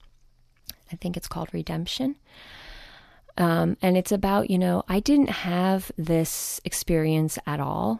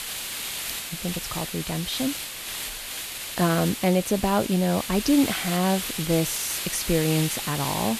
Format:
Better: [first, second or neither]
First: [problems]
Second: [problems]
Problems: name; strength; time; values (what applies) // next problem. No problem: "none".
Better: first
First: none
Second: hiss; loud; throughout; 5 dB below the speech